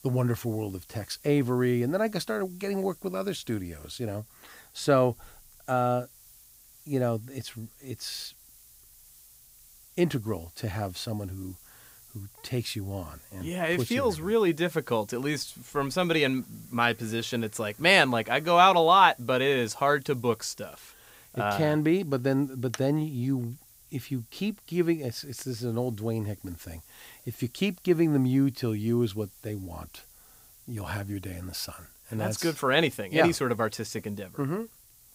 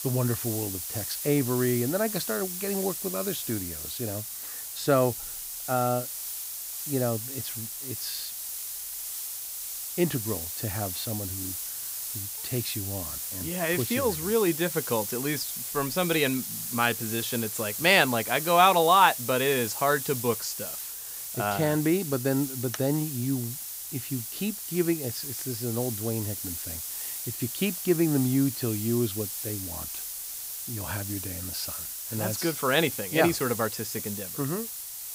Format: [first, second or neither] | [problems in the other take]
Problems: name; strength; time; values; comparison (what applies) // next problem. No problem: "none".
first | hiss; loud; throughout; 5 dB below the speech; faint in the first